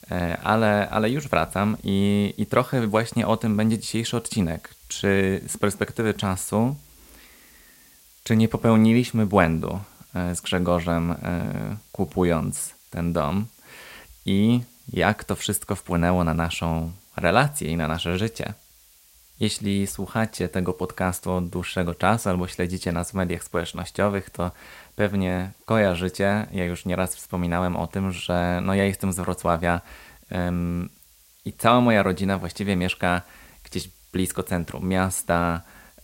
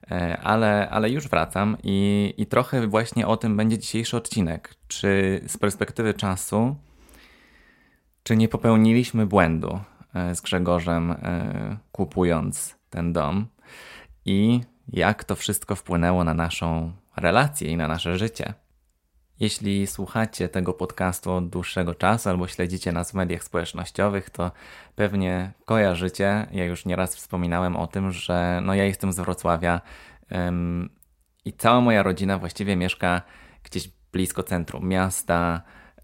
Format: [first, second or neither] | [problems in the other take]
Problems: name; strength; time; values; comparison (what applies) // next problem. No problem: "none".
second | hiss; faint; throughout; 25 dB below the speech